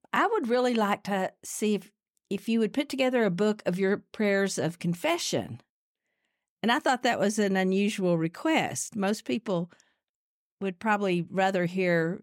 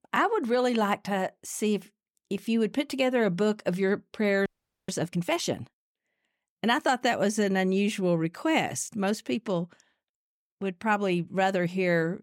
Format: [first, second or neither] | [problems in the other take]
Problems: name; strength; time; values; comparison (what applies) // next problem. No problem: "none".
first | audio freezing; at 4.5 s